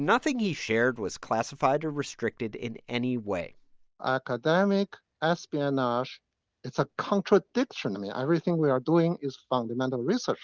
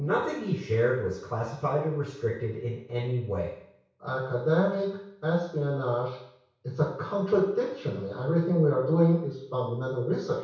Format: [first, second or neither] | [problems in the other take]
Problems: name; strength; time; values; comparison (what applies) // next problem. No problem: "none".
first | room echo; dies away in 0.6 s